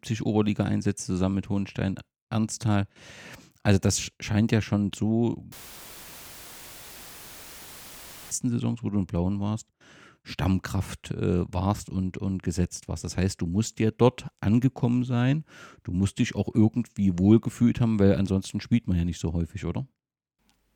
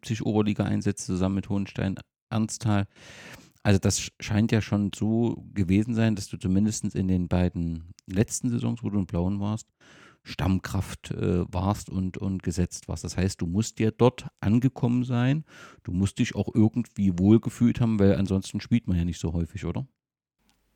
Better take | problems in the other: second | audio cutting out; filled with static; at 5.5 s for 3 s

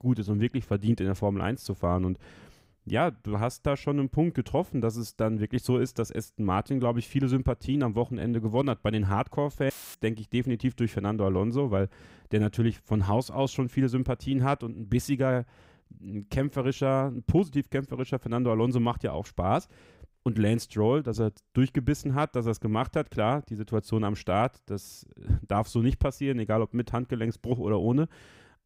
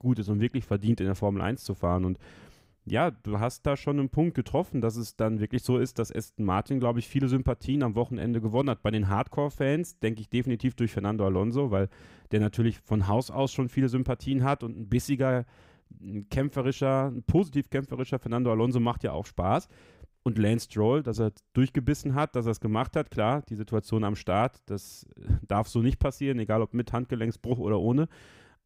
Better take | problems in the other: second | audio cutting out; filled with static; at 9.5 s

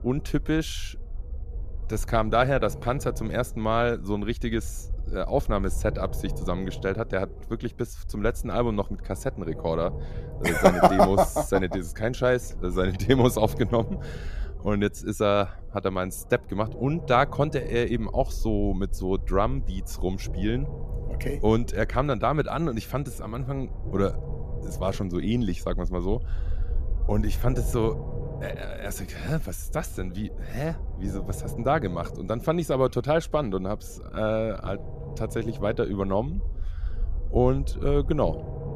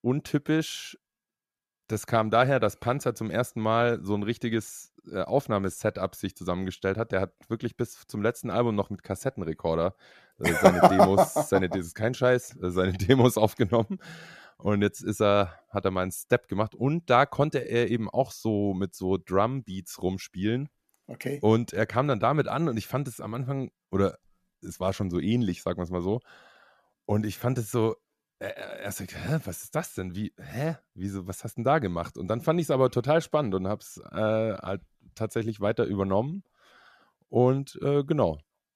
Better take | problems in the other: second | low rumble; noticeable; throughout; 20 dB below the speech

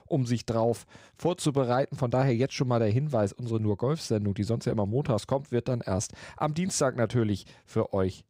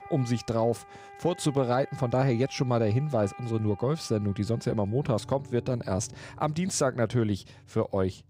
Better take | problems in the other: first | background music; noticeable; throughout; 20 dB below the speech

